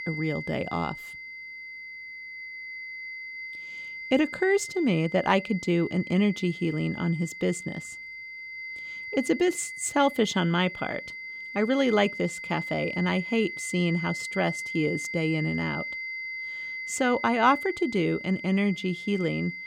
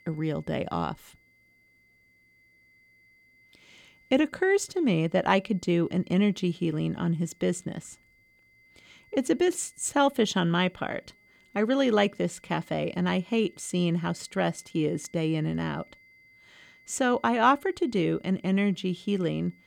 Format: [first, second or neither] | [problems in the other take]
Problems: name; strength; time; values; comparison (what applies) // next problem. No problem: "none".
second | high-pitched whine; loud; throughout; 2 kHz, 9 dB below the speech; faint in the second